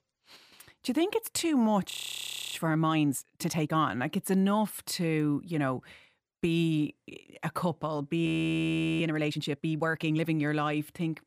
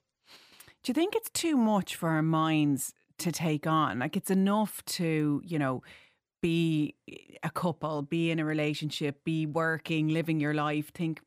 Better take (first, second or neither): second